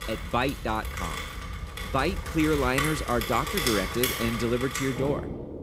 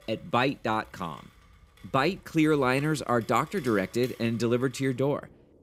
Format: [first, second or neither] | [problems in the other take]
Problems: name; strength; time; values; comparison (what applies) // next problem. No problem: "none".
second | rain or running water; loud; throughout; 3 dB below the speech; faint in the second